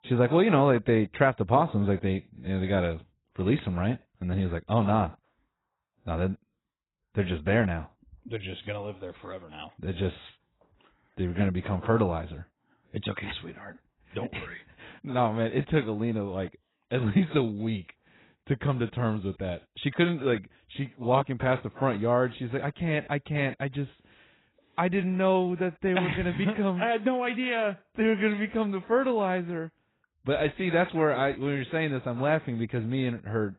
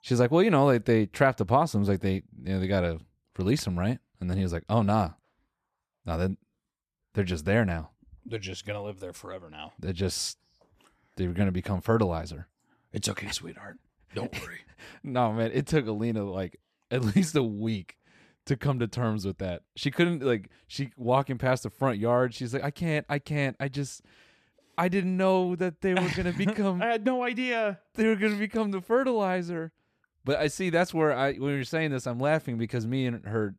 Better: second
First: garbled, watery; badly; nothing above 4 kHz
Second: none

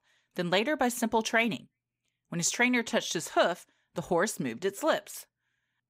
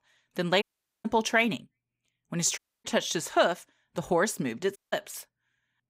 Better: first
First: none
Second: audio cutting out; at 0.5 s, at 2.5 s and at 5 s

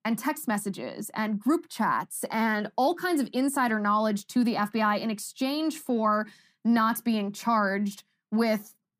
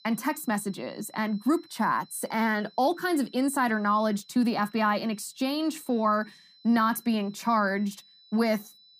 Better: first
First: none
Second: high-pitched whine; faint; throughout; 4 kHz, 25 dB below the speech

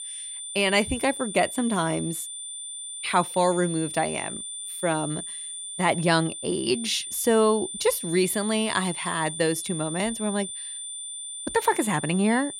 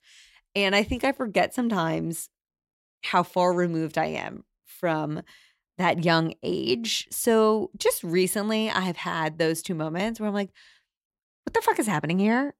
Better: second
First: high-pitched whine; loud; throughout; 9 kHz, 8 dB below the speech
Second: none

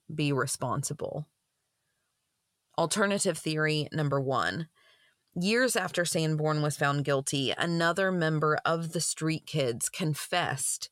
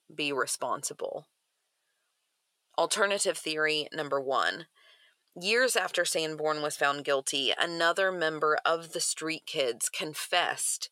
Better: first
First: none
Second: thin; somewhat; fading below 450 Hz

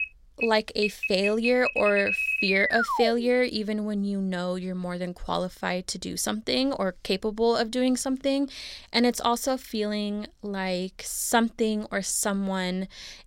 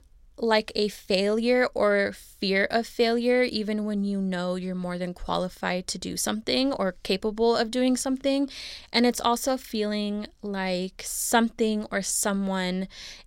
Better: second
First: alarm; loud; until 3.5 s; peak 3 dB above the speech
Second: none

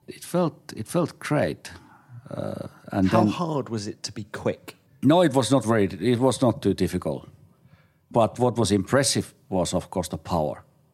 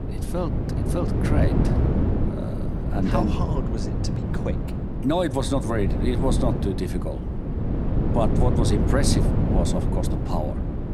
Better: first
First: none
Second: wind noise on the microphone; heavy; 3 dB below the speech

